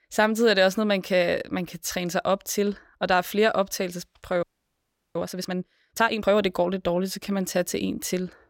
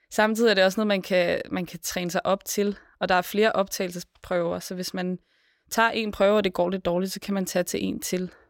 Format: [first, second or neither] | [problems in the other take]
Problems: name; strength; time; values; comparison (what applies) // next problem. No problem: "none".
second | audio freezing; at 4.5 s for 0.5 s